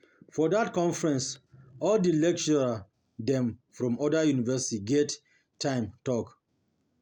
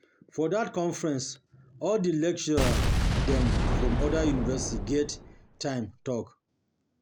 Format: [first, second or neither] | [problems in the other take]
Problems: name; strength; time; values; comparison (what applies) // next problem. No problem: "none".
first | background sound (Boom); 3 dB above the speech